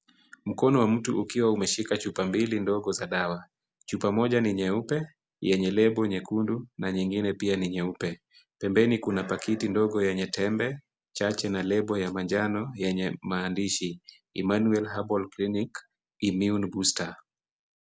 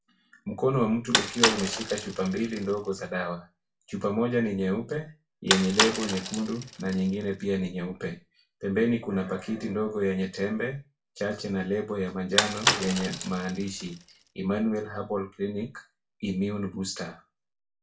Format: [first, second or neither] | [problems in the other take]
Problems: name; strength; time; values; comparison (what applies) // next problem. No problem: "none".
first | background sound (Bicycle); as loud as the speech // room echo; dies away in 0.2 s